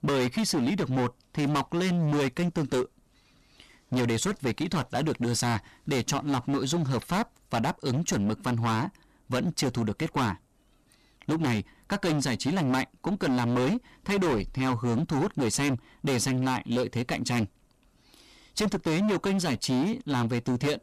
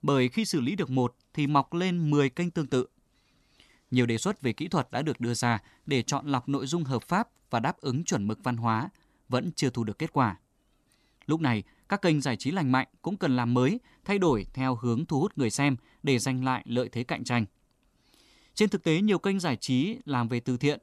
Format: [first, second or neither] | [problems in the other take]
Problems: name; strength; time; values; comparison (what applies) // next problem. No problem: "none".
second | distortion; heavy; 21% of the sound clipped